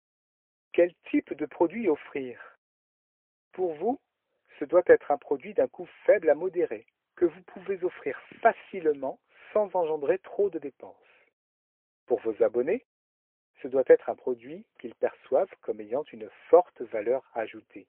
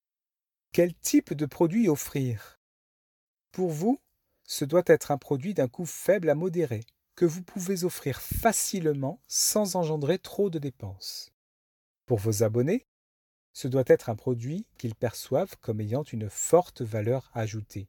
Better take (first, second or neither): second